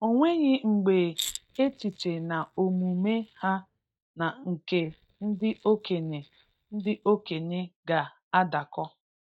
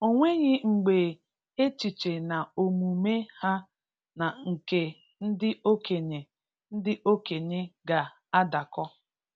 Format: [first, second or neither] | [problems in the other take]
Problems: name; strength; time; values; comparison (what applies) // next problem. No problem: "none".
second | noise reduction (neural mask model DeepFilterNet 3)